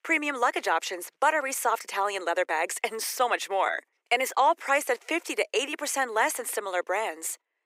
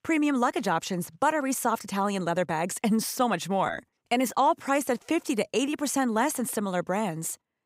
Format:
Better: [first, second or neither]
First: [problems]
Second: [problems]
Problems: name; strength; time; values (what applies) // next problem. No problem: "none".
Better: second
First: thin; very; fading below 350 Hz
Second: none